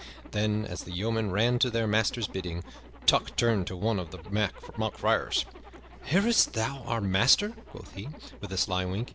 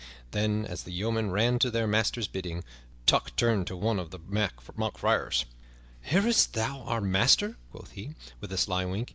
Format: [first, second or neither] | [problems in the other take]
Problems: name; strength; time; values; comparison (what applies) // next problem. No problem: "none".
second | background sound (Zipper (clothing)); 20 dB below the speech